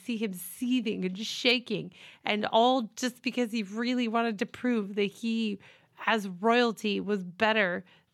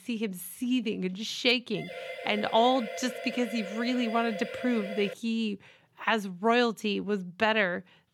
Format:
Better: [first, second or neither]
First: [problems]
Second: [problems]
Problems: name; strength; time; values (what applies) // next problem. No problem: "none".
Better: first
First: none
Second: siren; noticeable; from 2 to 5 s; peak 9 dB below the speech